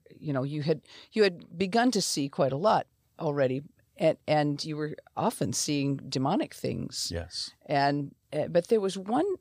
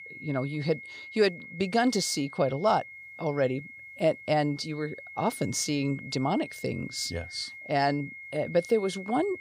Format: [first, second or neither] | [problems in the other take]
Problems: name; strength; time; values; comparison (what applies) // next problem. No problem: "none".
first | high-pitched whine; noticeable; throughout; 2 kHz, 15 dB below the speech